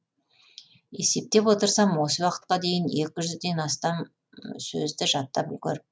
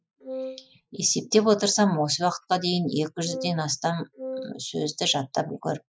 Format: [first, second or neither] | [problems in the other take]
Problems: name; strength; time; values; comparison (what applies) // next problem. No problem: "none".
first | noise reduction (classical method Wiener filter)